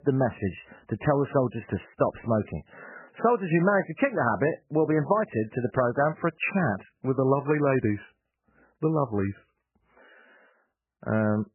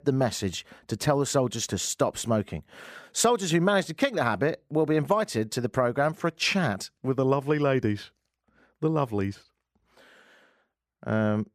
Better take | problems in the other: second | garbled, watery; badly; nothing above 2.5 kHz

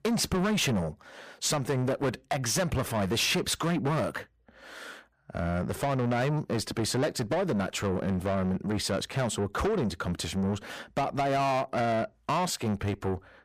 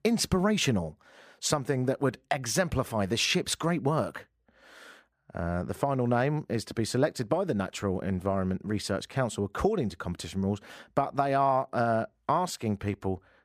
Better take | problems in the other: second | distortion; heavy; 7 dB below the speech

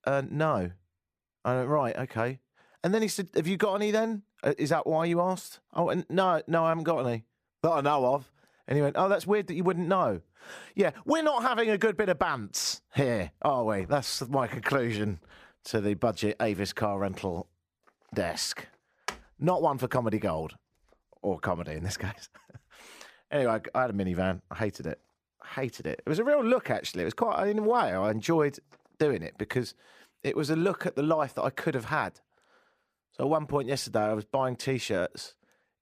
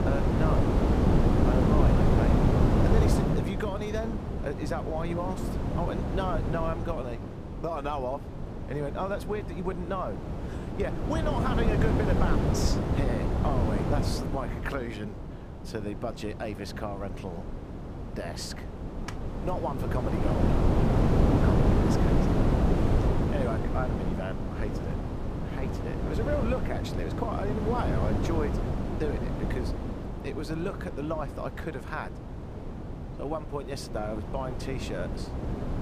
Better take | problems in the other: first | wind noise on the microphone; heavy; 1 dB above the speech

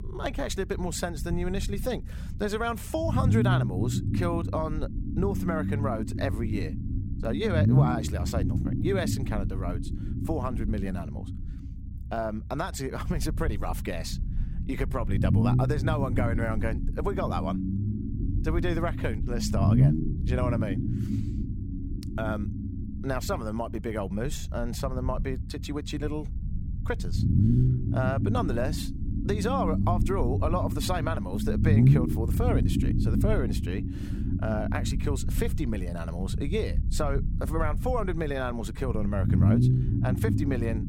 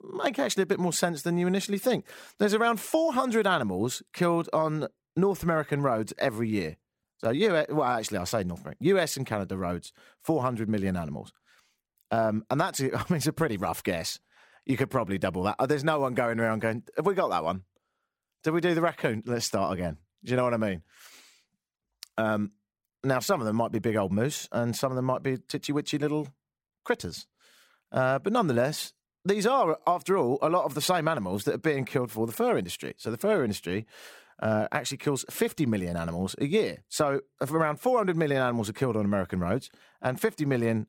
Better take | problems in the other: second | low rumble; loud; throughout; 5 dB below the speech

